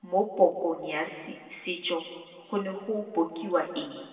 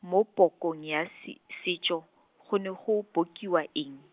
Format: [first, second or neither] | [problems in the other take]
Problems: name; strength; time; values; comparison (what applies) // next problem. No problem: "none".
second | room echo; dies away in 2.3 s